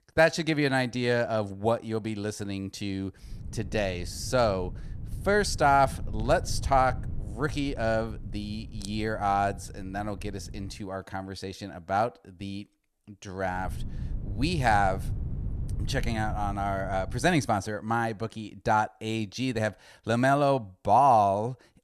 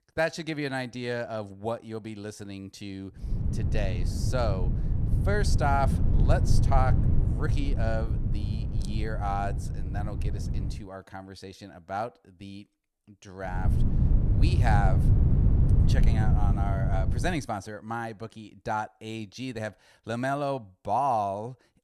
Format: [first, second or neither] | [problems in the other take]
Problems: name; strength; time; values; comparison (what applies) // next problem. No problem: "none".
first | low rumble; loud; from 3 to 11 s and from 14 to 17 s; 8 dB below the speech; faint in the first